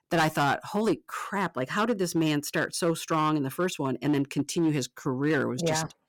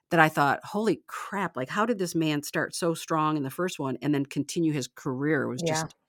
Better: second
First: distortion; slight; 6% of the sound clipped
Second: none

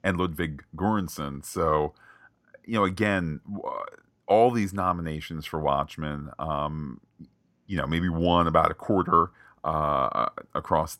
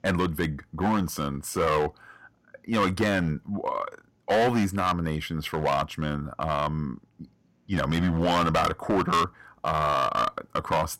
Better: first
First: none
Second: distortion; heavy; 8% of the sound clipped

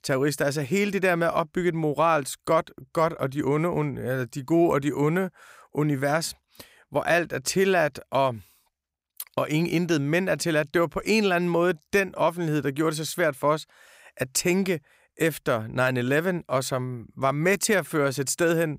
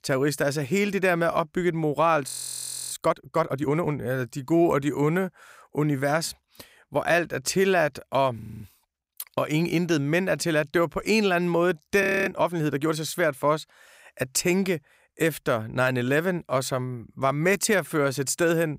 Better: first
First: none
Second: audio freezing; at 2.5 s for 0.5 s, at 8.5 s and at 12 s

